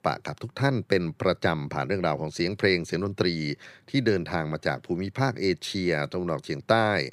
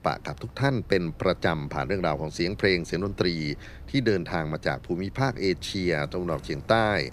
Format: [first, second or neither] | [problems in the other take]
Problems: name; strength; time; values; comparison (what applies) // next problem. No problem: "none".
first | wind in the background; noticeable; throughout; 20 dB below the speech